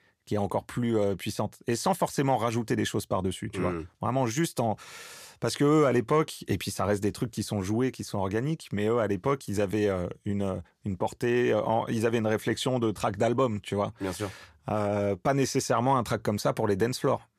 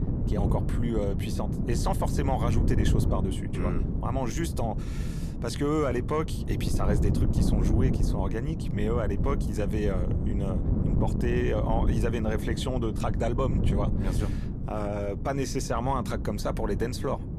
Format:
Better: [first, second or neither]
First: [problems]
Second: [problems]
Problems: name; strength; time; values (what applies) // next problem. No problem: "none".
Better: first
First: none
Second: wind noise on the microphone; heavy; 6 dB below the speech